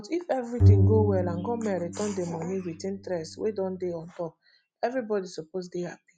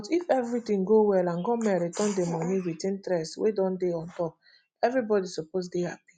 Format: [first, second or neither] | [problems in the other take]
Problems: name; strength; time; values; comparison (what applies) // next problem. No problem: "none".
second | background sound (Bowed string instrument); 4 dB above the speech